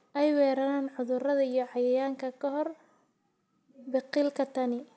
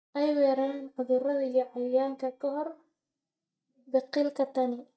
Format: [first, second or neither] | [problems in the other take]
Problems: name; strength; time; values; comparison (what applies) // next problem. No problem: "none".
first | noise reduction (neural mask model DeepFilterNet 3)